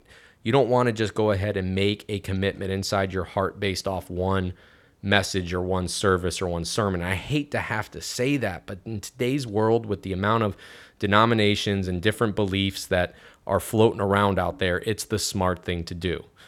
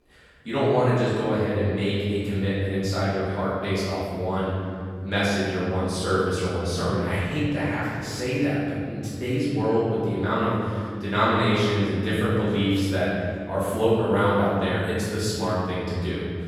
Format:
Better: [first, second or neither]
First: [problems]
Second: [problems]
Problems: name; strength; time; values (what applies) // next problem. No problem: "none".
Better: first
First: none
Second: off-mic speech; far // room echo; strong; dies away in 2.4 s